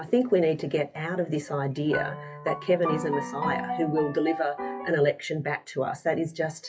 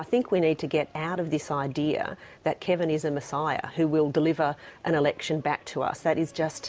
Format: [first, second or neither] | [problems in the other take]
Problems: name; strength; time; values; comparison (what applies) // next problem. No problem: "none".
second | noise reduction (classical method WPE with log-MMSE)